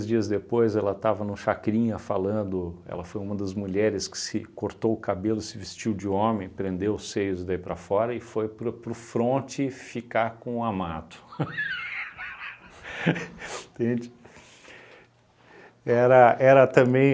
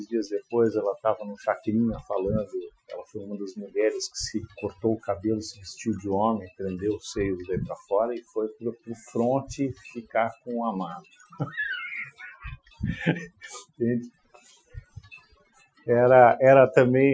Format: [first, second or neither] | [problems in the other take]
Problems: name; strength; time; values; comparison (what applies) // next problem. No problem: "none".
first | noise reduction (classical method Wiener filter)